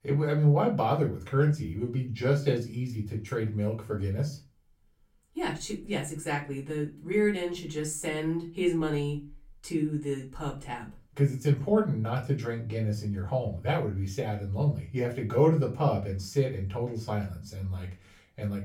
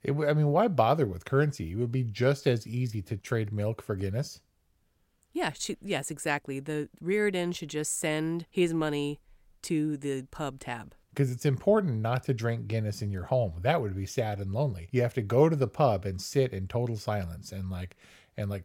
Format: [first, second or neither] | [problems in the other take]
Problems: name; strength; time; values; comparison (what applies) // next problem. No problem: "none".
second | off-mic speech; far // room echo; very slight; dies away in 0.3 s